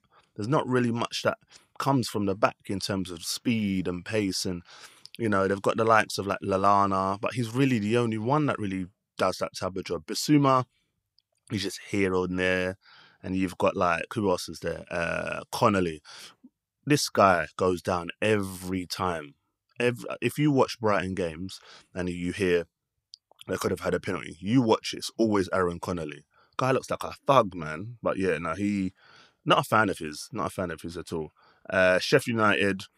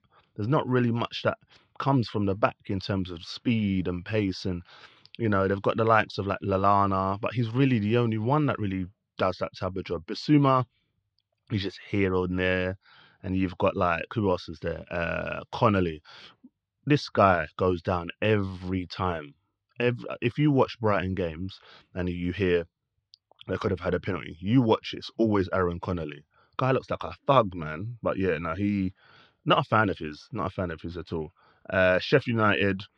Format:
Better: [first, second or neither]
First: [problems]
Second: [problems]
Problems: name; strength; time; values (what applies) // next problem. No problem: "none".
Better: first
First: none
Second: muffled; very slightly; fading above 4 kHz